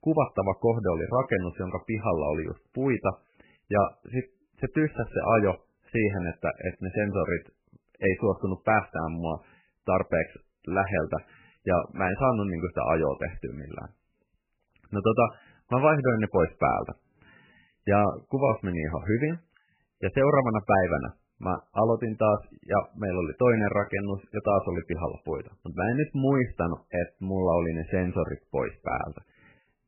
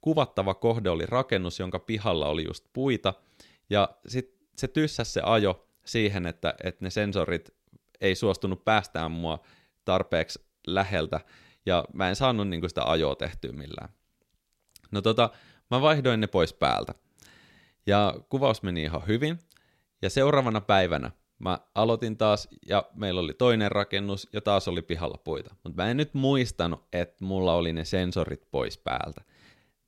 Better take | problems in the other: second | garbled, watery; badly; nothing above 2.5 kHz

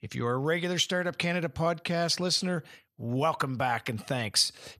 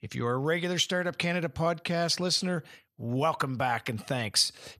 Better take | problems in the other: neither | none

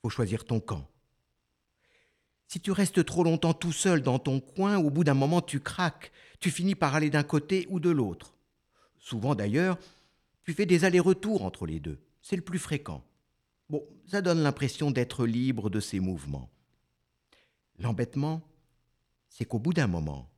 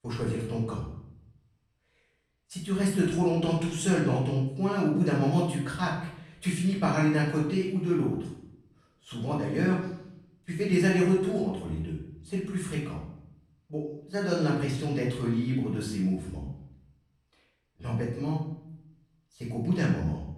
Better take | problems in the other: first | room echo; noticeable; dies away in 0.6 s // off-mic speech; far

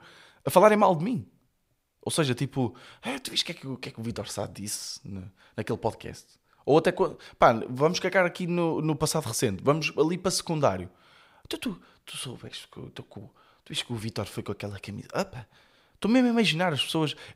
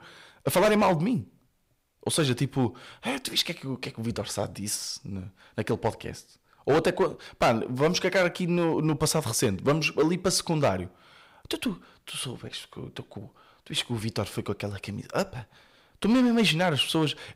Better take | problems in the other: first | distortion; heavy; 4% of the sound clipped

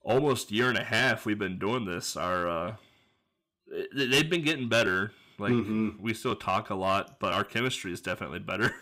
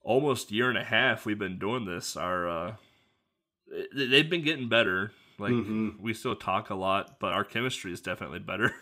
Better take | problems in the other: second | distortion; slight; 2% of the sound clipped

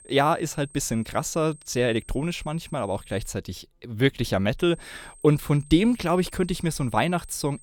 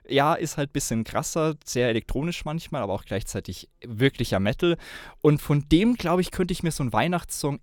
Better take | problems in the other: second | high-pitched whine; faint; until 3.5 s and from 4.5 s on; 8.5 kHz, 25 dB below the speech

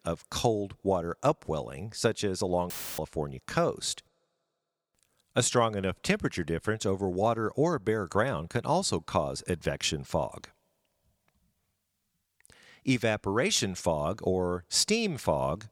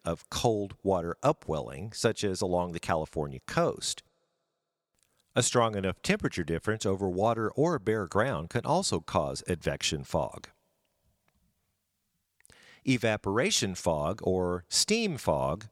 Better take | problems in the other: second | audio cutting out; filled with static; at 2.5 s

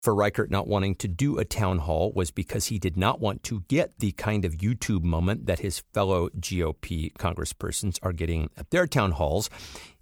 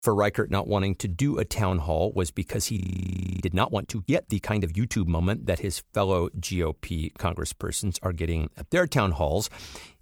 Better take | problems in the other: first | audio freezing; at 3 s for 0.5 s

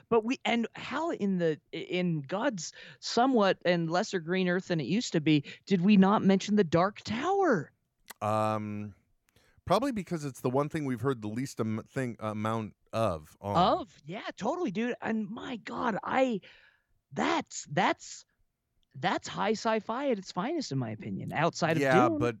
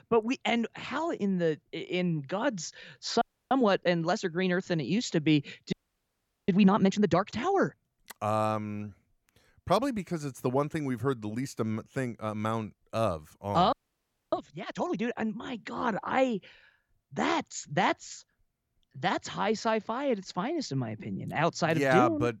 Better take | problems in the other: first | audio freezing; at 3 s, at 5.5 s for 1 s and at 14 s for 0.5 s

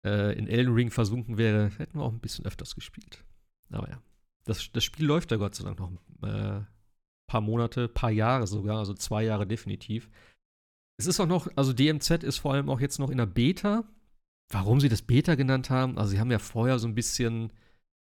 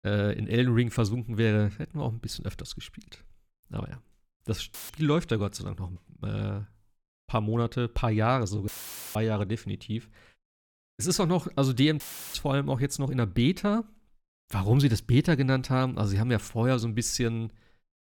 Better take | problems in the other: first | audio cutting out; filled with static; at 4.5 s, at 8.5 s and at 12 s

